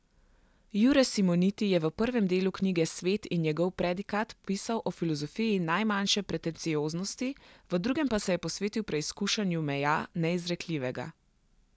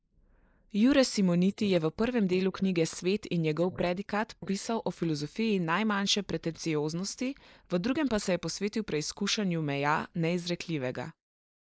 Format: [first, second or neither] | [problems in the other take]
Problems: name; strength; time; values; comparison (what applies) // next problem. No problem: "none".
first | noise reduction (neural mask model Resemble Enhance denoiser)